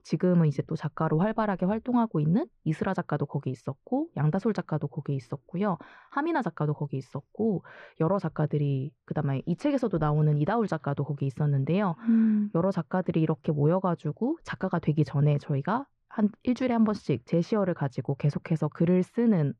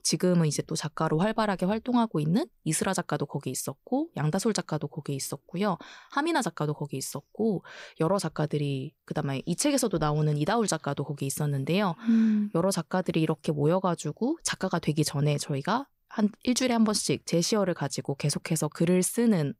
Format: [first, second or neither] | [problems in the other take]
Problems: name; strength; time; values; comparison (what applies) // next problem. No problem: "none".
second | muffled; very; fading above 2 kHz